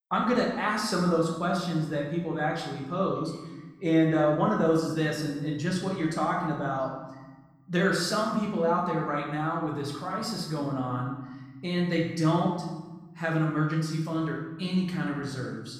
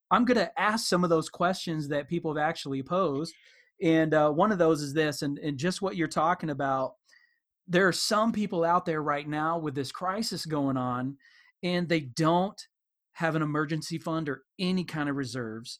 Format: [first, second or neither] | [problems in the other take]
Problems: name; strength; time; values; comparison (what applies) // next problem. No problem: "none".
second | room echo; noticeable; dies away in 1.1 s // off-mic speech; far